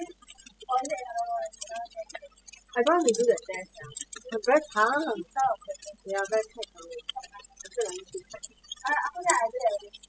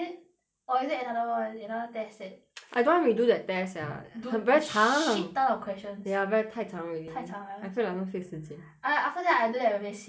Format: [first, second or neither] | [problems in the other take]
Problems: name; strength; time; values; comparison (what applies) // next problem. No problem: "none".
second | noise reduction (classical method spectral subtraction)